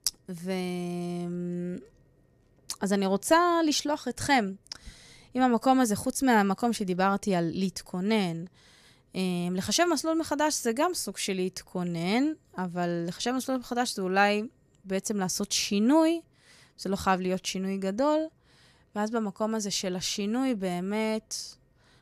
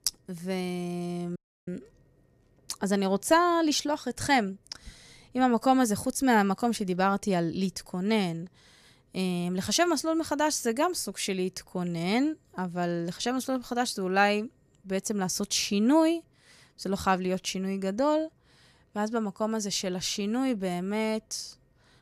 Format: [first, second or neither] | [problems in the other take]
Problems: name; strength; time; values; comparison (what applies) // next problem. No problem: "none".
first | audio cutting out; at 1.5 s